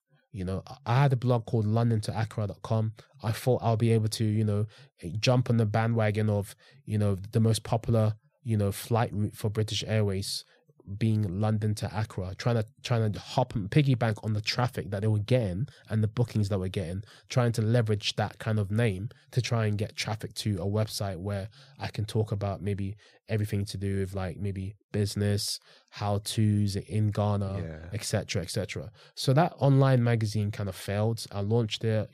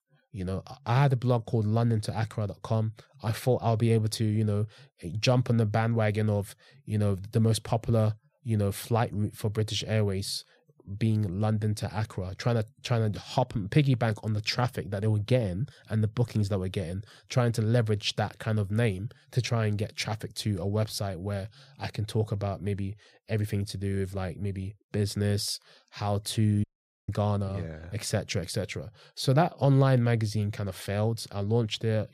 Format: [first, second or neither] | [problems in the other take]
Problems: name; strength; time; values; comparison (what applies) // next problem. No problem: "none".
first | audio cutting out; at 27 s